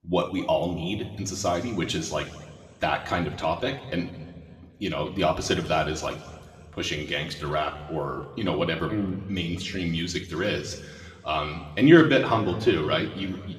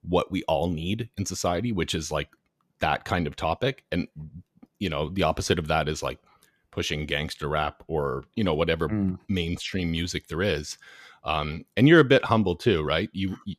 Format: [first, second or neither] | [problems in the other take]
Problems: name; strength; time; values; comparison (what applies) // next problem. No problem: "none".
second | room echo; slight; dies away in 2.1 s // off-mic speech; somewhat distant